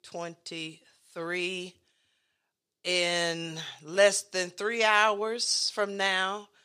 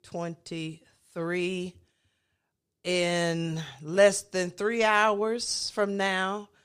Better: second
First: thin; very slightly; fading below 500 Hz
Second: none

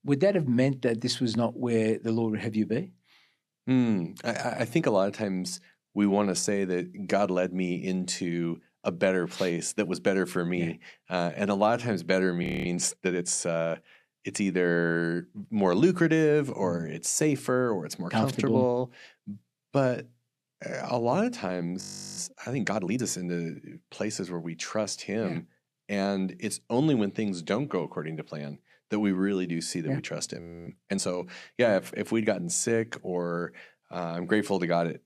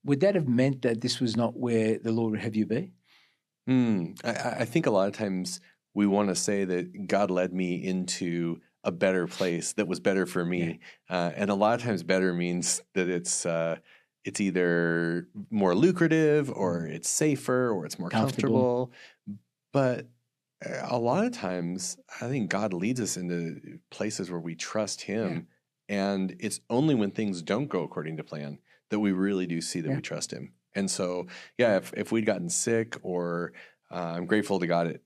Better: second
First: audio freezing; at 12 s, at 22 s and at 30 s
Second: none

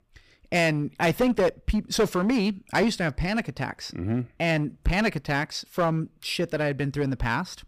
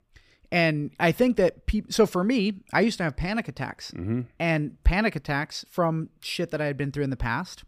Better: second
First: distortion; slight; 7% of the sound clipped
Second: none

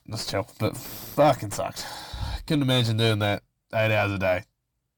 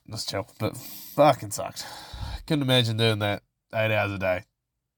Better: second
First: distortion; slight; 10 dB below the speech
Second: none

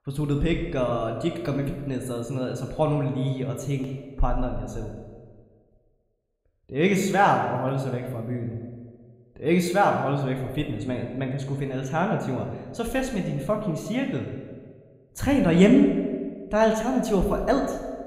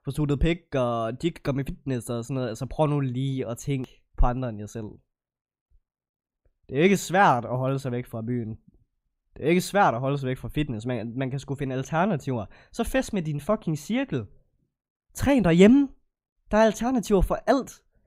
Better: second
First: room echo; slight; dies away in 1.1 s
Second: none

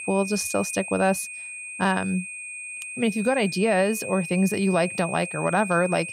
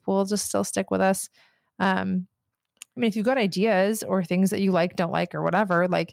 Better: second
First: high-pitched whine; loud; throughout; 2.5 kHz, 9 dB below the speech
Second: none

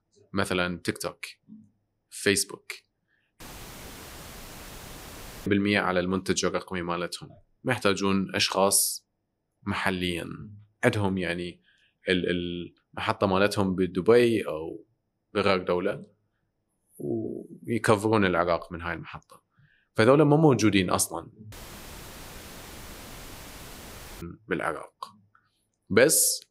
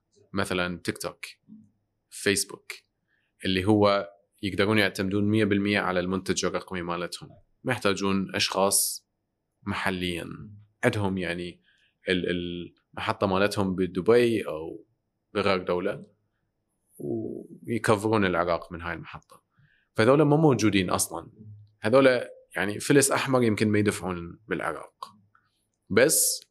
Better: second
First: audio cutting out; filled with static; at 3.5 s for 2 s and at 22 s for 2.5 s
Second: none

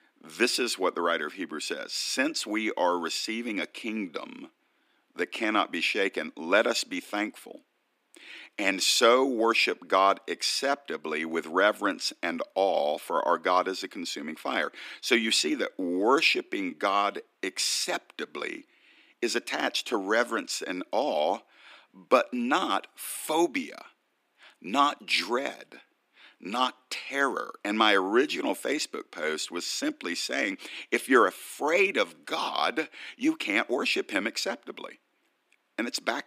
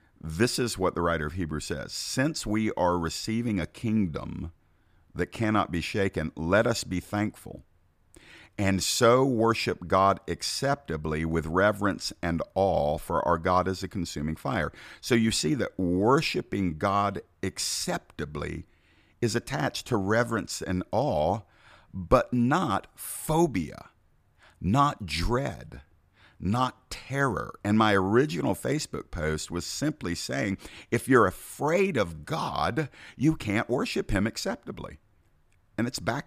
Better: second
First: thin; very slightly; fading below 250 Hz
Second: none

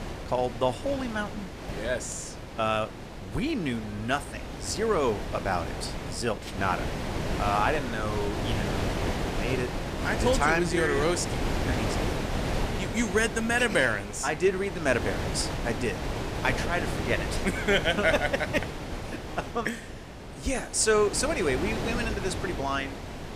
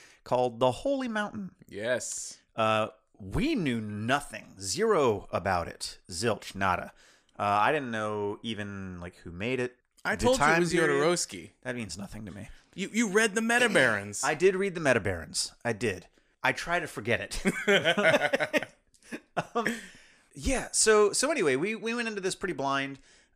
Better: second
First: wind noise on the microphone; heavy; 7 dB below the speech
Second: none

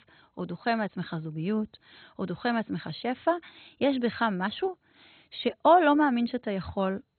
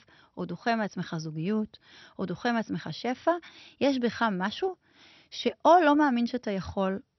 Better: second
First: garbled, watery; badly; nothing above 4 kHz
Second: garbled, watery; slightly; nothing above 6 kHz

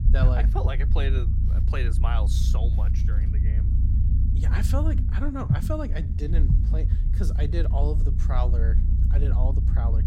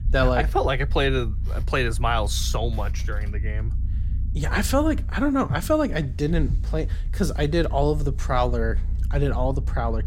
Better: second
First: low rumble; loud; throughout; 5 dB below the speech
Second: low rumble; faint; throughout; 20 dB below the speech

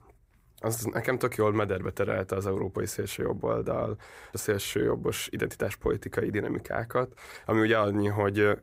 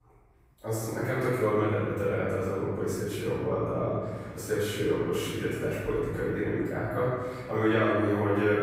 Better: first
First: none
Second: off-mic speech; far // room echo; strong; dies away in 2 s

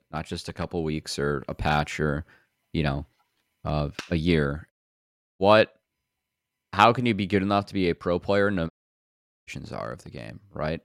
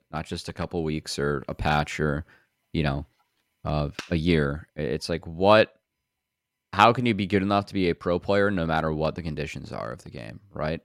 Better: second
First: audio cutting out; at 4.5 s for 0.5 s and at 8.5 s for 1 s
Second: none

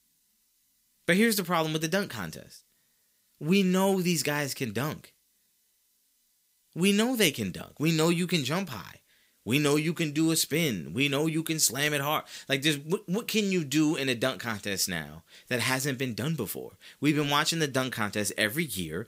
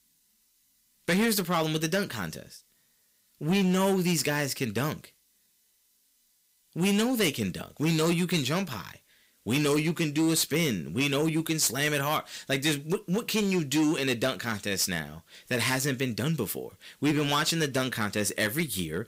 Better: first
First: none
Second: distortion; slight; 6% of the sound clipped

